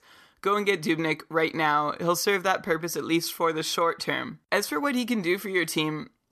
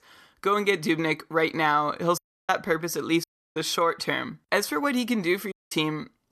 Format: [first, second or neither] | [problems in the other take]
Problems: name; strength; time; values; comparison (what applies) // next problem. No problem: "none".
first | audio cutting out; at 2 s, at 3 s and at 5.5 s